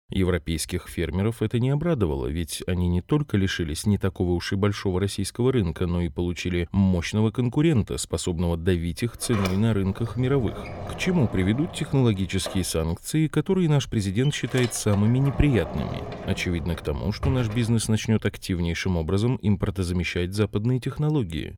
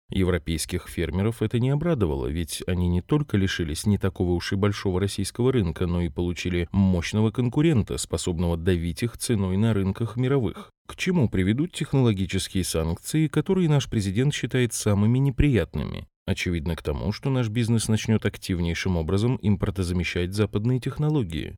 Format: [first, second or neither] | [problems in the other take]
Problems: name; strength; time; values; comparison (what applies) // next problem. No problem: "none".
second | door banging; noticeable; from 9 to 18 s; peak 7 dB below the speech